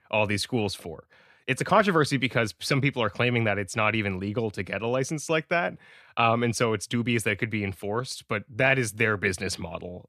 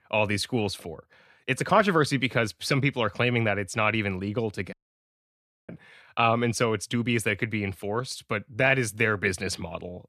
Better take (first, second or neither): first